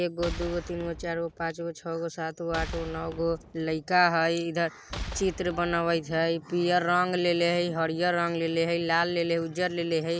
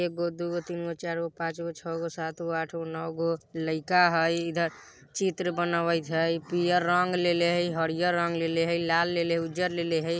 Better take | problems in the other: second | background sound (Boom); 11 dB below the speech

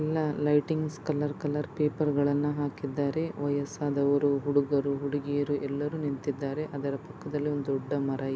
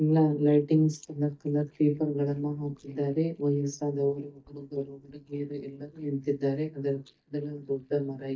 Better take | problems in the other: first | noise reduction (neural mask model DeepFilterNet 3)

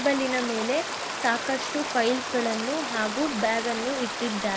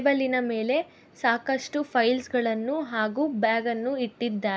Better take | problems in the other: second | background sound (Stream); 4 dB below the speech

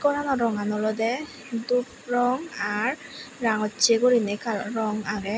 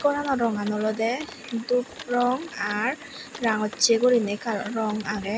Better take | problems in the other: first | background sound (Typing); 20 dB below the speech

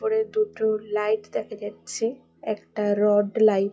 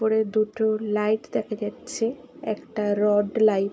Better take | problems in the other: second | noise reduction (classical method log-MMSE)

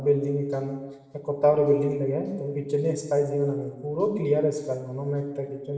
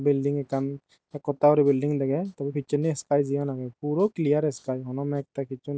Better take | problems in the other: second | room echo; dies away in 1.2 s

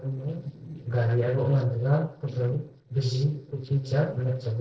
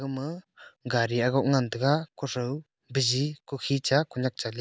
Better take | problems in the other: second | noise reduction (neural separator model SepFormer DNS4)

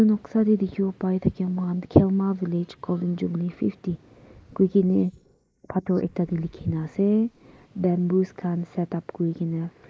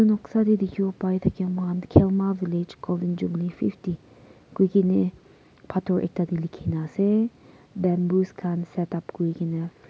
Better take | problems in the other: second | noise reduction (neural mask model Resemble Enhance denoiser)

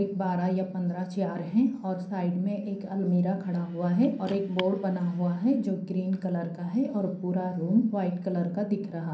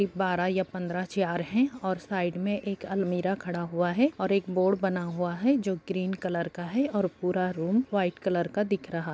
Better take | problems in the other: second | background sound (Car); 18 dB below the speech // room echo; dies away in 0.6 s

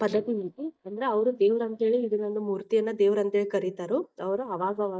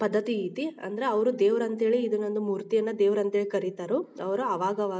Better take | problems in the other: second | noise reduction (neural mask model DeepFilterNet 3)

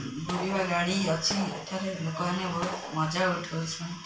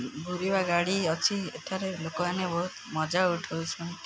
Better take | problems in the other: second | background sound (Gunshot, gunfire); 12 dB below the speech // room echo; dies away in 0.3 s

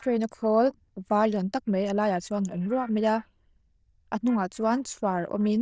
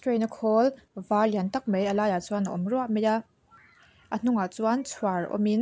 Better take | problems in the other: second | noise reduction (neural diffusion model UNIVERSE++)

